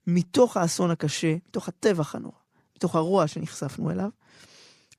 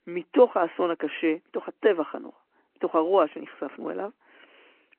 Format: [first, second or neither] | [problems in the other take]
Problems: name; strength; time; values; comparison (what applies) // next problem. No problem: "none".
first | phone-call audio